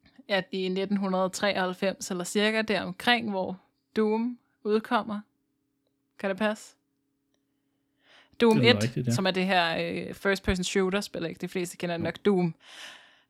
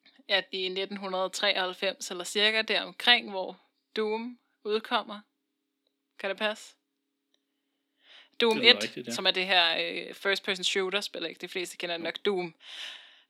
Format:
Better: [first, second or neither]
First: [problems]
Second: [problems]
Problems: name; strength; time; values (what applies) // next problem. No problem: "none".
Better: first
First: none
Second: thin; somewhat; fading below 300 Hz